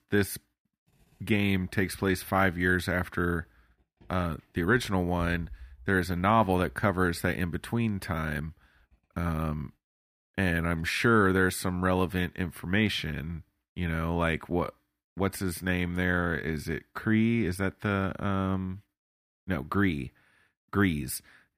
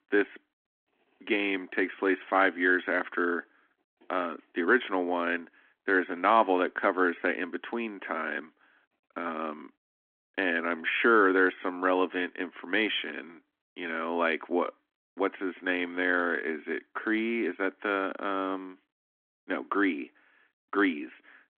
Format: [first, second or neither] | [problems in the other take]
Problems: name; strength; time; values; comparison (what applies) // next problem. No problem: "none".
first | phone-call audio